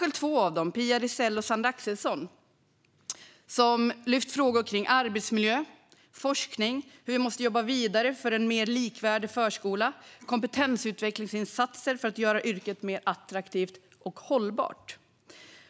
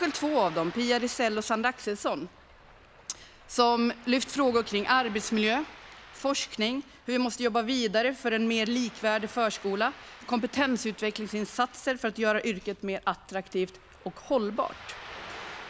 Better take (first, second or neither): first